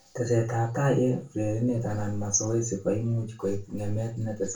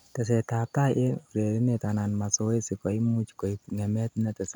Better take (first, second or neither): second